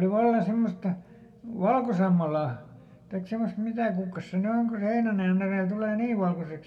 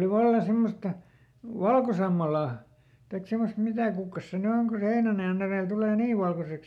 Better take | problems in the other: second | room echo; dies away in 1.4 s

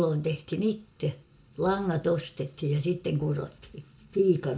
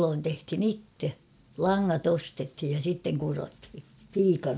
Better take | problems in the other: second | room echo; dies away in 0.2 s

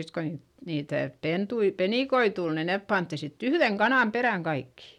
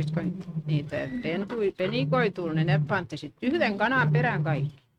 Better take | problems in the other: first | noise reduction (neural mask model RNNoise)

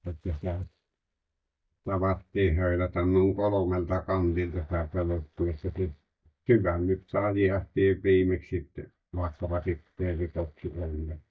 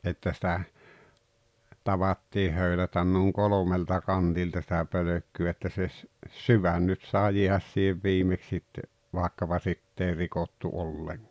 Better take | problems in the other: second | noise reduction (neural mask model DeepFilterNet 3)

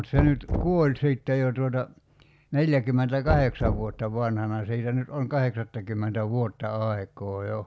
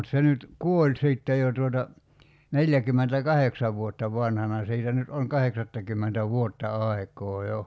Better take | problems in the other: second | background sound (Knock); 7 dB below the speech

